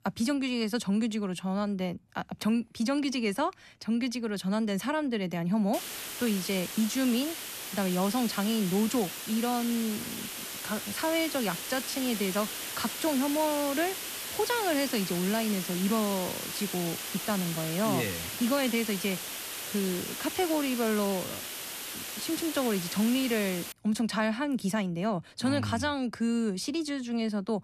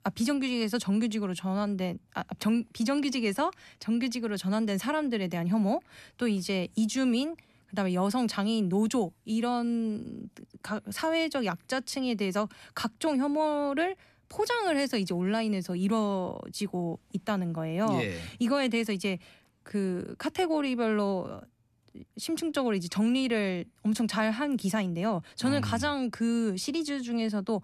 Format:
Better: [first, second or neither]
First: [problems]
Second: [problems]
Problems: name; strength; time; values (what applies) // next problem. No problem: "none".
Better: second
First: hiss; loud; from 5.5 to 24 s; 5 dB below the speech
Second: none